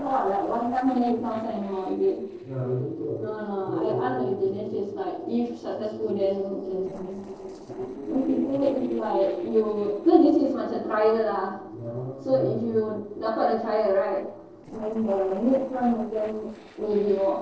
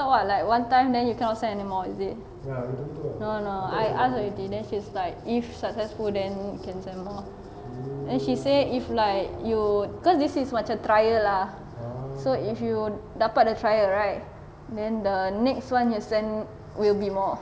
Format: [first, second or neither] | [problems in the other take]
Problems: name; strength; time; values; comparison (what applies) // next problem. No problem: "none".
second | noise reduction (neural separator model SepFormer DNS4)